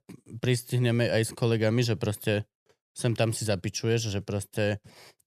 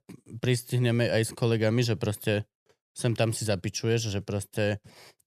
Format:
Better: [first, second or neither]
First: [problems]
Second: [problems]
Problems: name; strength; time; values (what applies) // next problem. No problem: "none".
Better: neither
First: none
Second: none